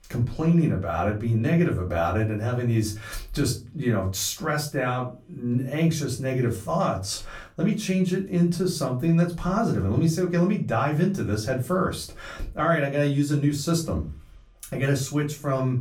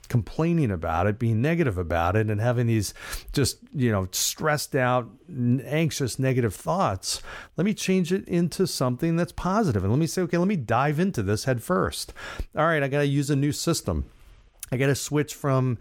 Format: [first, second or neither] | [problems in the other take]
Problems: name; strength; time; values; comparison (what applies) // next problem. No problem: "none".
second | off-mic speech; far // room echo; very slight; dies away in 0.3 s